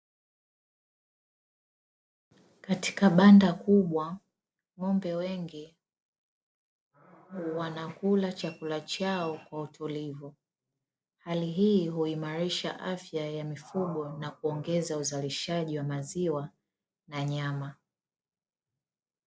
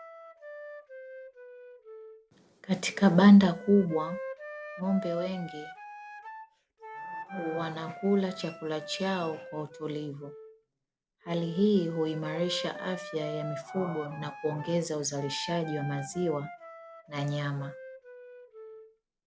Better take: first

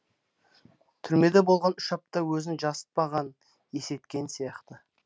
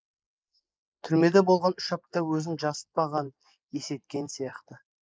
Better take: first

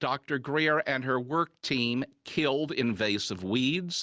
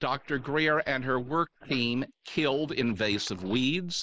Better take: first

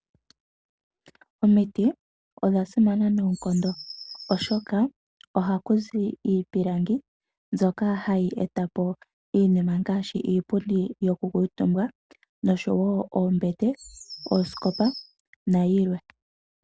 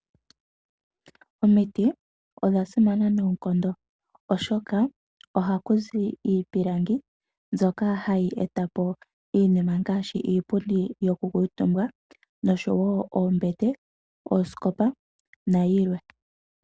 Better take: second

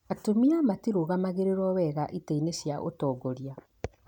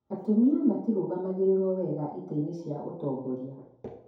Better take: first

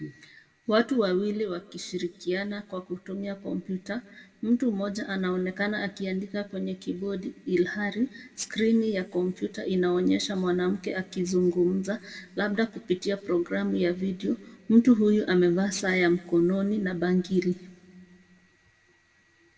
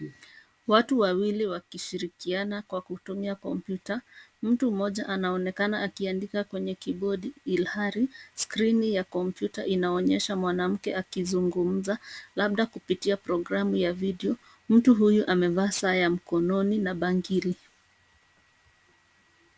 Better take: second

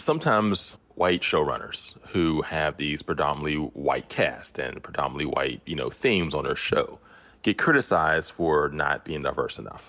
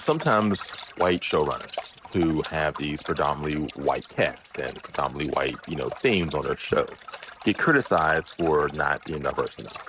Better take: first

